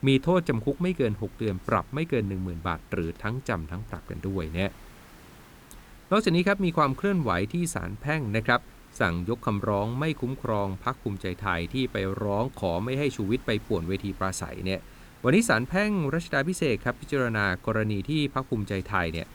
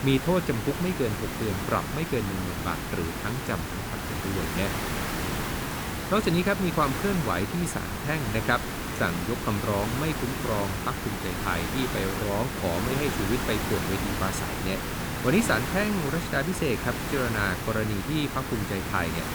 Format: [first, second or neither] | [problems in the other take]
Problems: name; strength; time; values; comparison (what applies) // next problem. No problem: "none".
first | hiss; loud; throughout; 2 dB below the speech; faint in the first